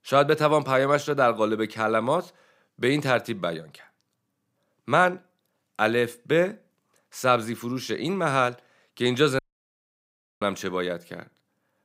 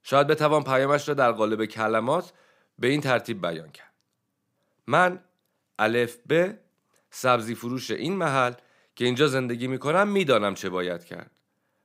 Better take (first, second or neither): second